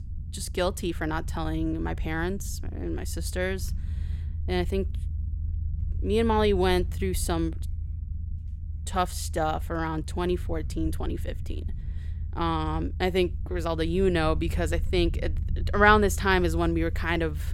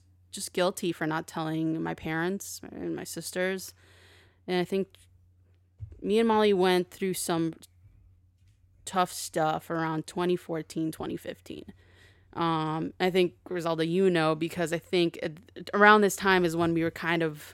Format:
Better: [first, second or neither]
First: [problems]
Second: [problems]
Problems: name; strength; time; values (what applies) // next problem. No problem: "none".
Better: second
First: low rumble; faint; throughout; 25 dB below the speech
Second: none